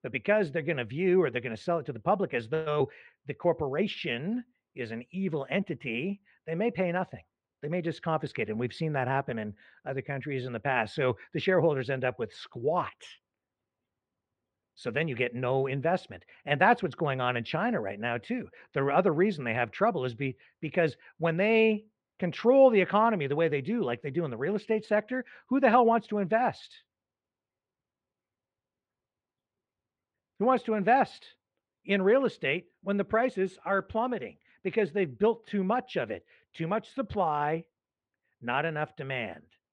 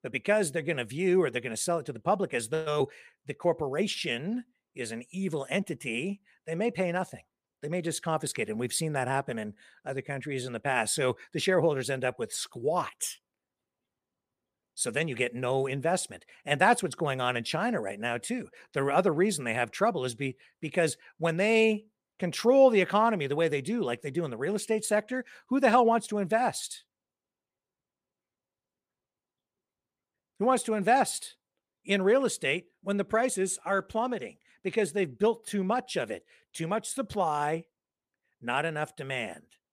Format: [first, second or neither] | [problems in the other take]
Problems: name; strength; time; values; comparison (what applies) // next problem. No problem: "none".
second | muffled; slightly; fading above 3 kHz